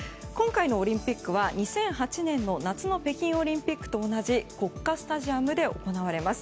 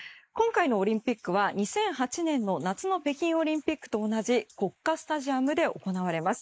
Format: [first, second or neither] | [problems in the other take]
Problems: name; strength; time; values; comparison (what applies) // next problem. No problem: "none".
first | noise reduction (neural mask model Resemble Enhance denoiser)